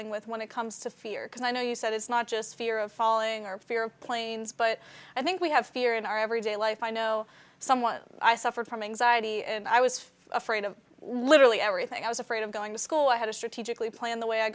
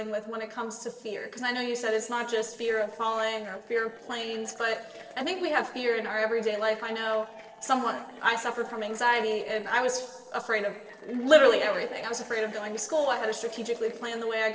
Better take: first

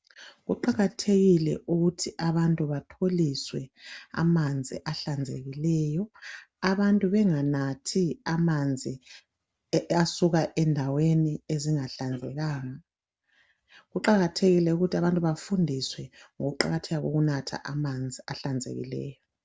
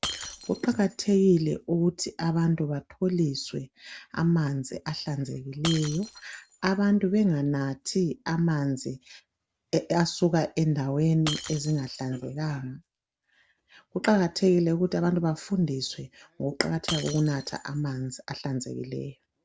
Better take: first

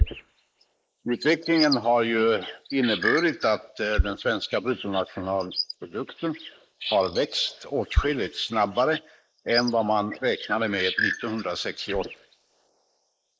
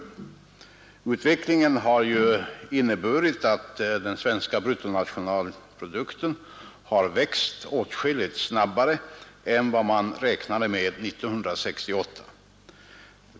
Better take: second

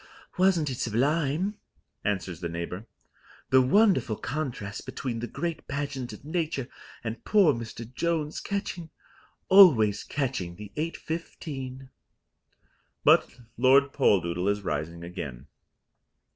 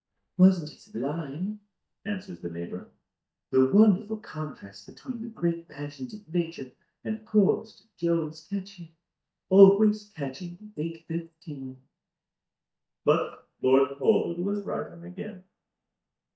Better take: first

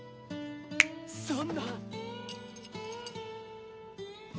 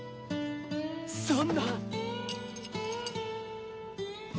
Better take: second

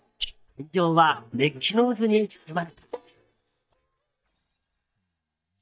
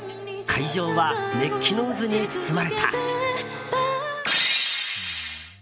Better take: second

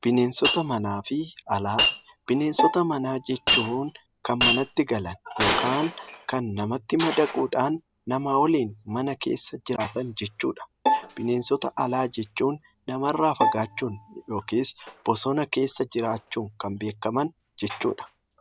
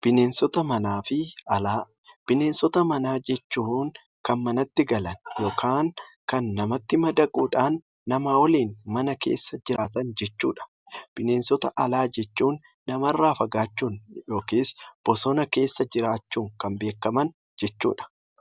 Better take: second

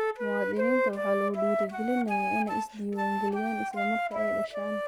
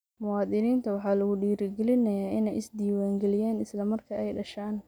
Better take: second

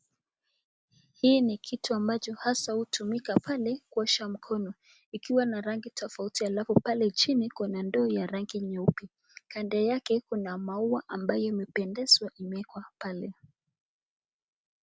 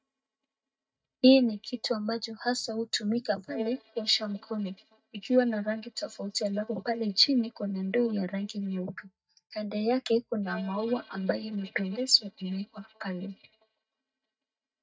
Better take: first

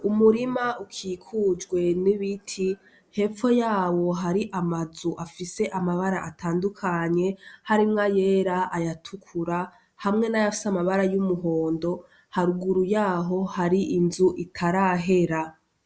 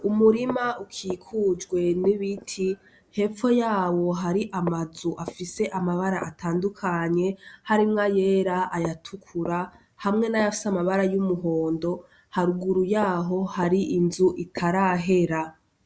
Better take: first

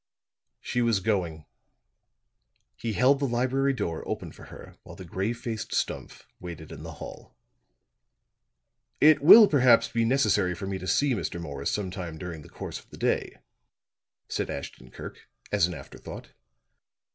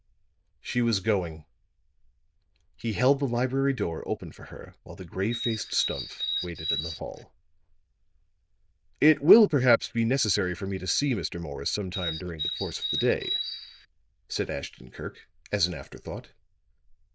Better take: first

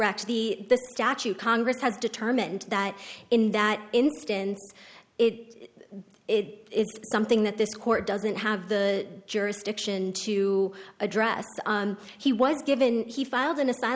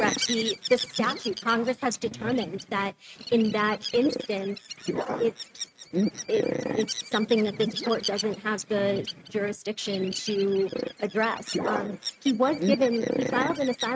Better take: first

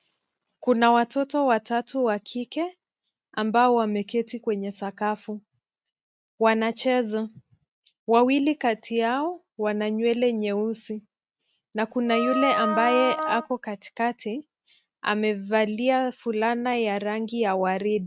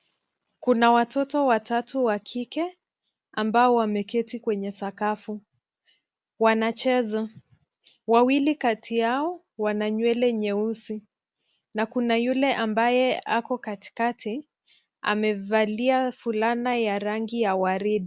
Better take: second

